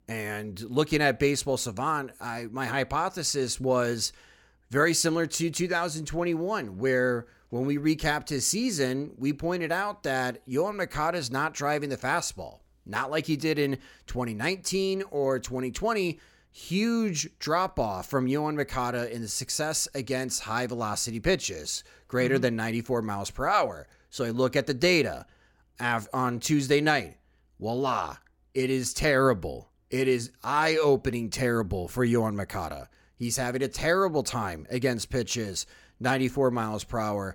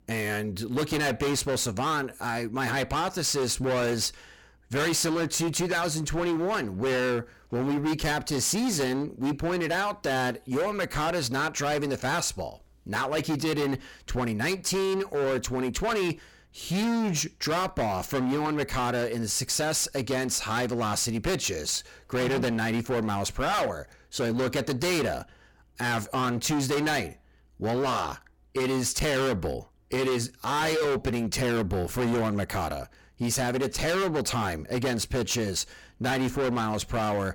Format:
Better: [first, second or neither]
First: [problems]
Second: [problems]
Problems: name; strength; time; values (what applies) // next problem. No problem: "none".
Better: first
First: none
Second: distortion; heavy; 25% of the sound clipped